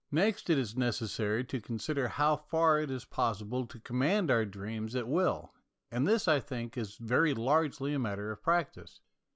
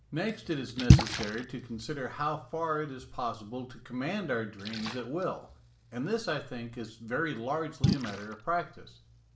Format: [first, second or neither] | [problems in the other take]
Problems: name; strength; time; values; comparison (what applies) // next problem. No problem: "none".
first | background sound (Splash, splatter); 2 dB above the speech // room echo; dies away in 0.4 s